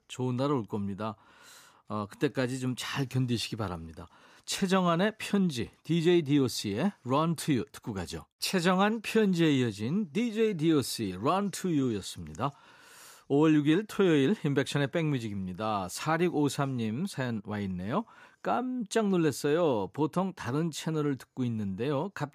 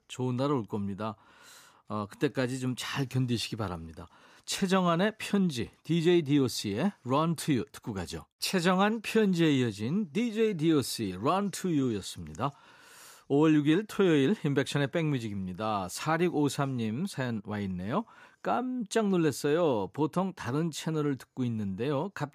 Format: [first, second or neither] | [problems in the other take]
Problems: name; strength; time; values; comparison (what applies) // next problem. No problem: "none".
neither | none